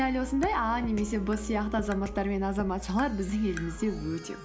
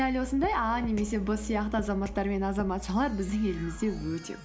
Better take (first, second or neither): second